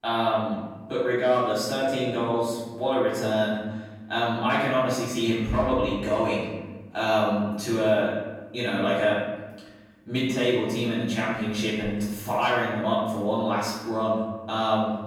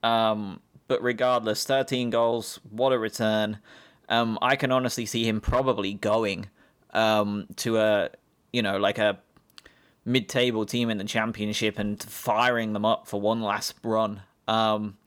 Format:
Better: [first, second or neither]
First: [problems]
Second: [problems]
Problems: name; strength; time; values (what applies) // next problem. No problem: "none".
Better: second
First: room echo; noticeable; dies away in 1.1 s // off-mic speech; far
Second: none